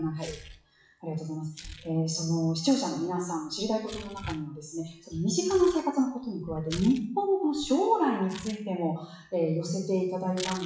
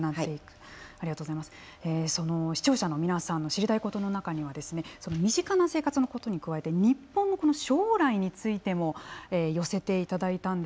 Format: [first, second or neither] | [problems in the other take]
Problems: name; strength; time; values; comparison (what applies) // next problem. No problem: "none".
second | noise reduction (classical method WPE with log-MMSE)